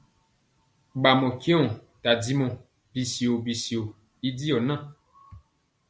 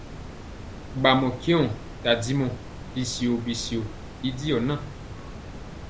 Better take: first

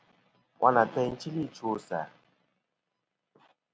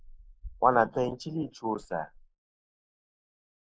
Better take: first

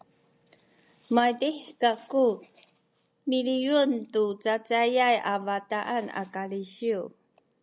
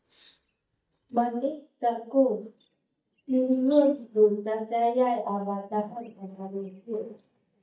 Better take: first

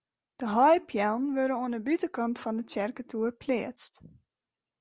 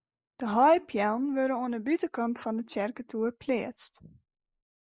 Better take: first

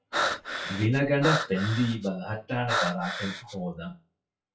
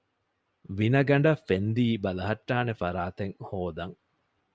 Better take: second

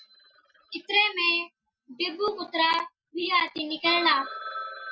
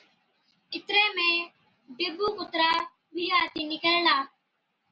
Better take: second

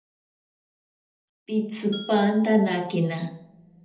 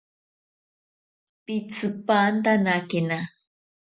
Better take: second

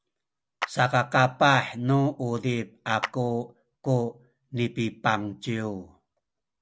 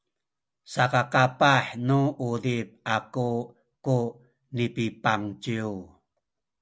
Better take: second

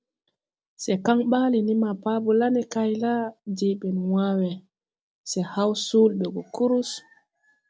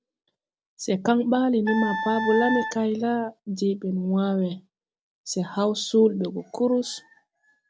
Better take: first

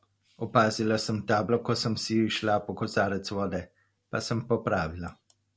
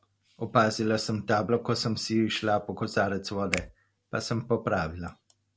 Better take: first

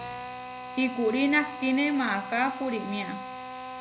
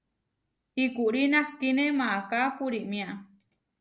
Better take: second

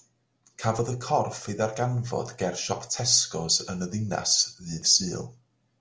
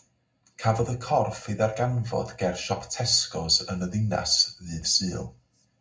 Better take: first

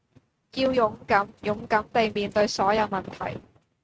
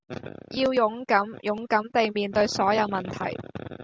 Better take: second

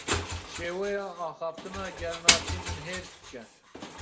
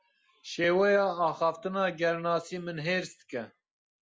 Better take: second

